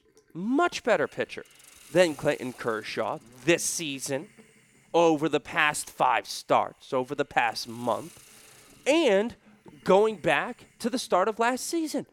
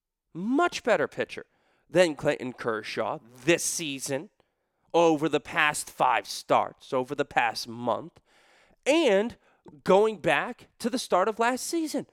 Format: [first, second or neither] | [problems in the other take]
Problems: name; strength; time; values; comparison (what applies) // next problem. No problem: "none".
second | hiss; faint; throughout; 25 dB below the speech